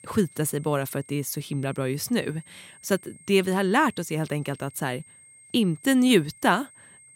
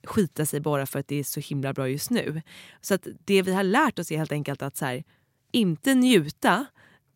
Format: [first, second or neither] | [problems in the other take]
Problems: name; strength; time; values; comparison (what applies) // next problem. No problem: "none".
second | high-pitched whine; faint; throughout; 8.5 kHz, 25 dB below the speech